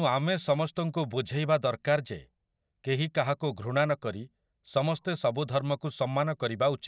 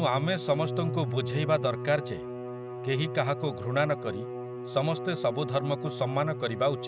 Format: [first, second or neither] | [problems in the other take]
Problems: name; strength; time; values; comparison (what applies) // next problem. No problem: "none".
first | background sound (Bowed string instrument); 6 dB below the speech